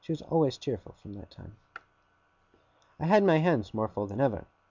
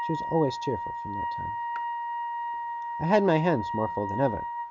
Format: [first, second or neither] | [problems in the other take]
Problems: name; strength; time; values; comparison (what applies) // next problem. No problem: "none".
first | background sound (Wind instrument, woodwind instrument); 4 dB below the speech